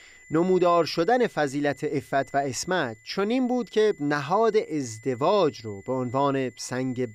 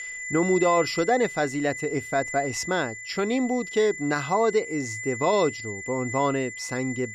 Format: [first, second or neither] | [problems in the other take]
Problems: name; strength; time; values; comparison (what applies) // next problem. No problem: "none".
first | high-pitched whine; loud; throughout; 2 kHz, 8 dB below the speech; faint in the first